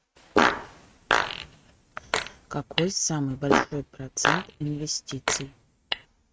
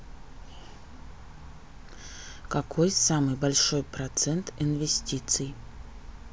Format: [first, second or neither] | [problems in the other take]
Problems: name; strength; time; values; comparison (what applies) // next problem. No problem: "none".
second | noise reduction (neural mask model RNNoise)